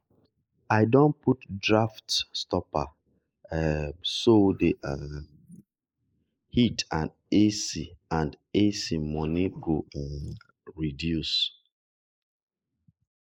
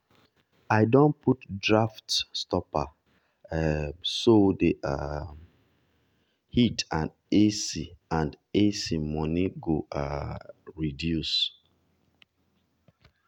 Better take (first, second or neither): second